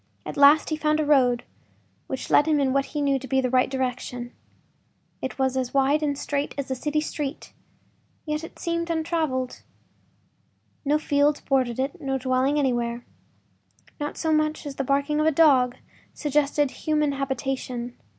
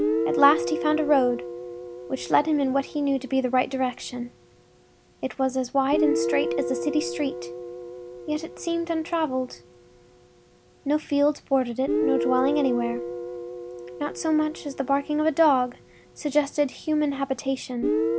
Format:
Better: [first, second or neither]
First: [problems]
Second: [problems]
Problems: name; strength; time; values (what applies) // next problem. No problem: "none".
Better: first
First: none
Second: background sound (Guitar); 5 dB below the speech